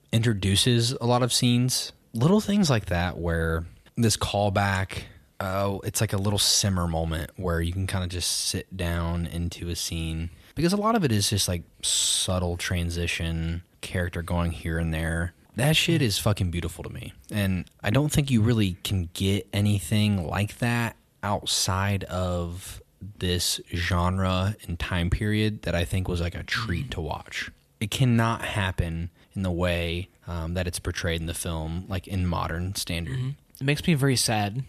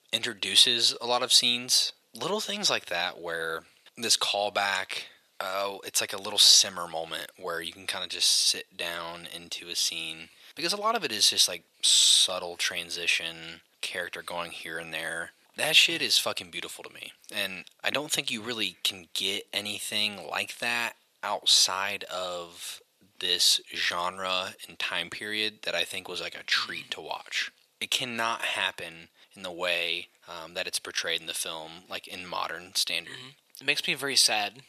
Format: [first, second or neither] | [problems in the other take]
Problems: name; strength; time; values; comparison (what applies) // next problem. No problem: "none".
first | thin; very; fading below 500 Hz